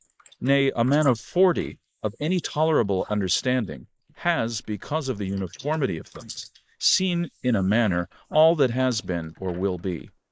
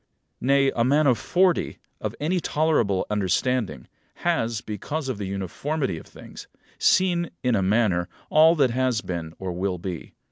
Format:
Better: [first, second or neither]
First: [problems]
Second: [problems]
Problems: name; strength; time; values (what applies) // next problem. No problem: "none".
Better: second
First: noise reduction (neural mask model Resemble Enhance denoiser)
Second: none